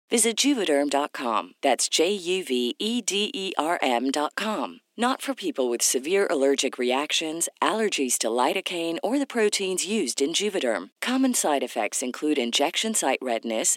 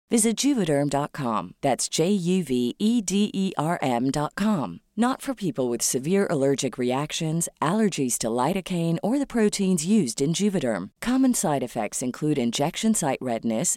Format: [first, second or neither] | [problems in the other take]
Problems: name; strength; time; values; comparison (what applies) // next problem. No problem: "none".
second | thin; very slightly; fading below 250 Hz